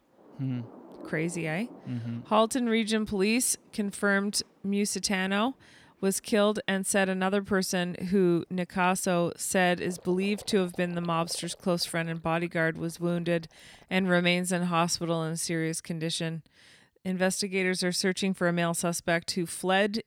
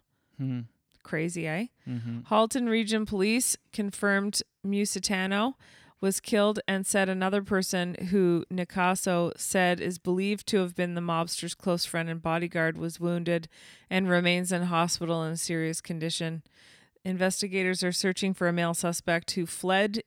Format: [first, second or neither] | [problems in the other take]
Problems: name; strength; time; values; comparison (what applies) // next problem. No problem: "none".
second | rain or running water; faint; throughout; 25 dB below the speech